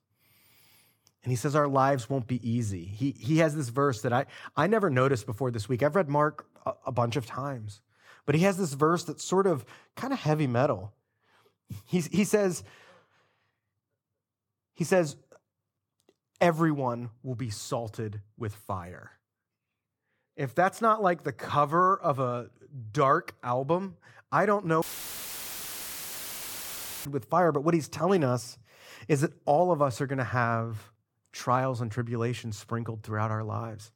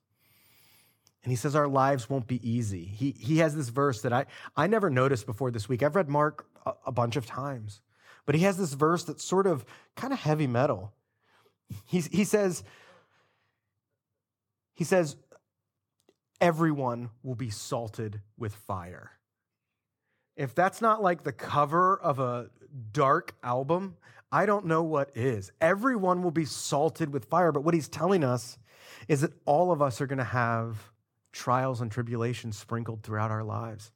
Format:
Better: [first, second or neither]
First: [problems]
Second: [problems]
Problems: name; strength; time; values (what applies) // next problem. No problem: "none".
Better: second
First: audio cutting out; filled with static; at 25 s for 2 s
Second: none